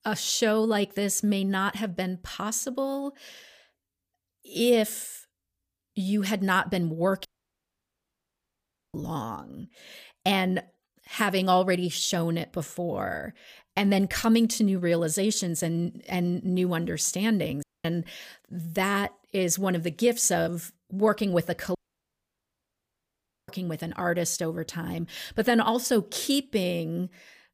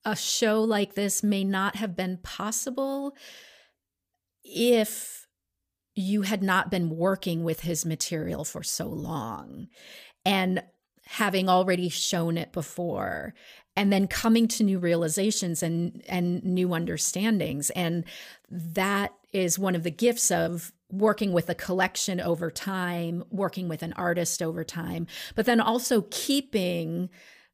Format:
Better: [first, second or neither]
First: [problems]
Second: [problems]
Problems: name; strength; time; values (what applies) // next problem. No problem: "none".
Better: second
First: audio cutting out; at 7.5 s for 1.5 s, at 18 s and at 22 s for 1.5 s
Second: none